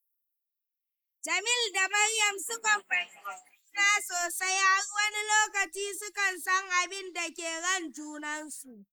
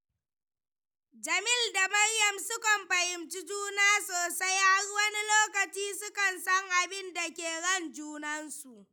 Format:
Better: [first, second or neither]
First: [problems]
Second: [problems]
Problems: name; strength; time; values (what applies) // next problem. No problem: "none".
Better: second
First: noise reduction (neural mask model Resemble Enhance denoiser)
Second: none